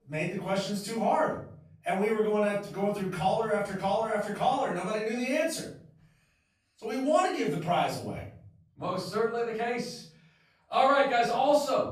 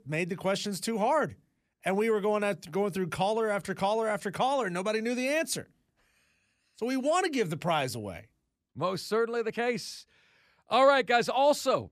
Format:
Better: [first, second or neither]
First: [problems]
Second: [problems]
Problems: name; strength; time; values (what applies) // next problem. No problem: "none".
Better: second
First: off-mic speech; far // room echo; noticeable; dies away in 0.6 s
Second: none